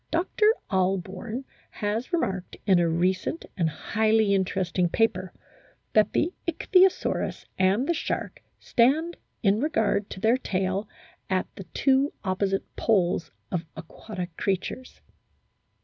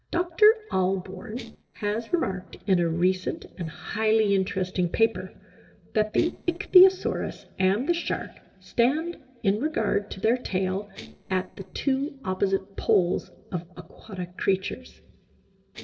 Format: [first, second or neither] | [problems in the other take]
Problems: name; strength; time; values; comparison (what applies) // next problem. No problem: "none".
first | noise reduction (neural separator model SepFormer DNS4)